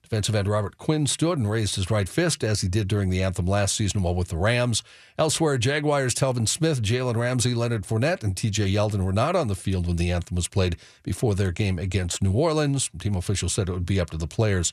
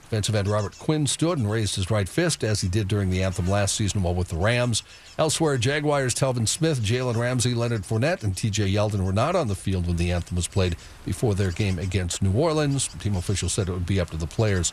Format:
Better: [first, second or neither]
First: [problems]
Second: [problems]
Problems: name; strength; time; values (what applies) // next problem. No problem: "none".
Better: first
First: none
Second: wind noise on the microphone; occasional gusts; 20 dB below the speech